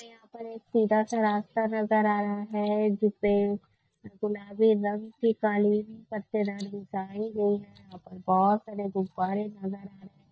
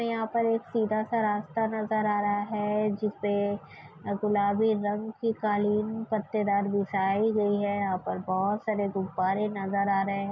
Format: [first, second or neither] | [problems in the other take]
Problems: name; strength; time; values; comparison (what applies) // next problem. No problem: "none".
second | noise reduction (neural mask model DeepFilterNet 3)